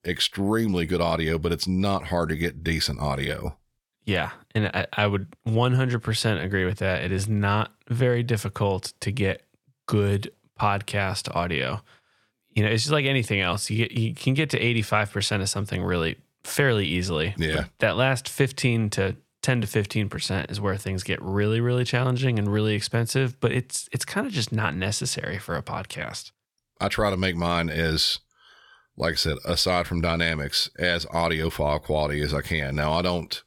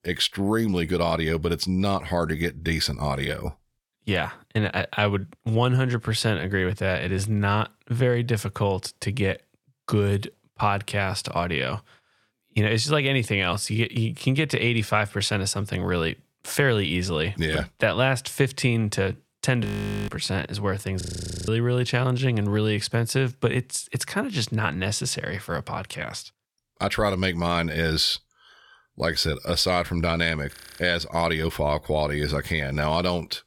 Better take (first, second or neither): first